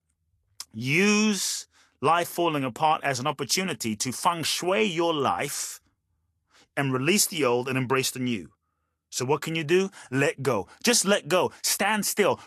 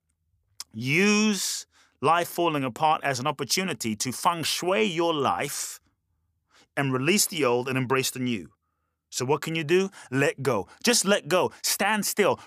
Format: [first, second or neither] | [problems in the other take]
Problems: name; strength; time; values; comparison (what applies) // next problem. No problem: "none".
second | garbled, watery; slightly; nothing above 12.5 kHz